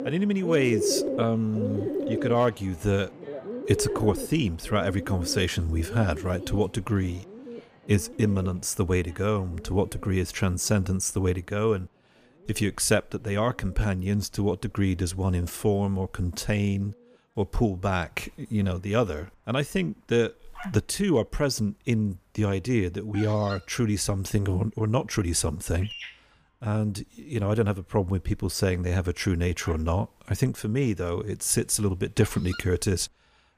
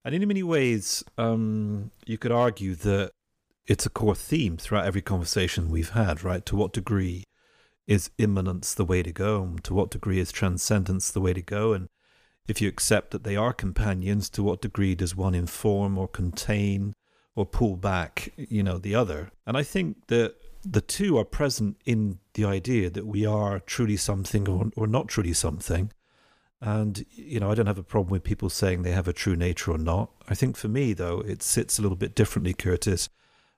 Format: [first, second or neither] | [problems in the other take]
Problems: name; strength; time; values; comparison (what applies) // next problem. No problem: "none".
second | animal sounds; loud; throughout; 9 dB below the speech